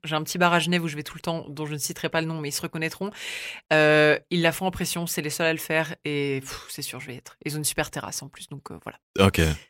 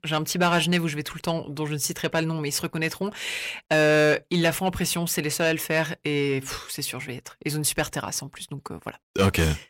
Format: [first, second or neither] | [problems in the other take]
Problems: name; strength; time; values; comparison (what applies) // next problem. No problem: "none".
first | distortion; slight; 10 dB below the speech